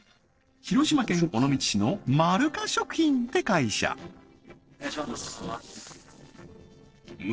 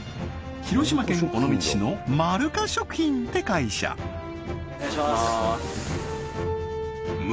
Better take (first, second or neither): second